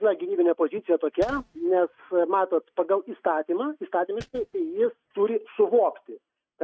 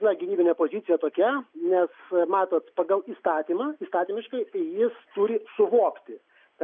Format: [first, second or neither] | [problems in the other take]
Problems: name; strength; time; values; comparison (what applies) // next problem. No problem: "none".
second | noise reduction (neural mask model RNNoise)